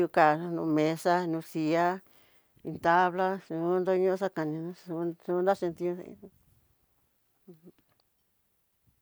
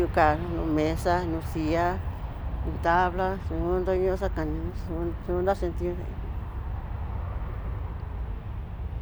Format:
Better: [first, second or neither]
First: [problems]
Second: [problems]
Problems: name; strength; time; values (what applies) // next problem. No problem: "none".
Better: first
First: none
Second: background sound (Aircraft); 3 dB below the speech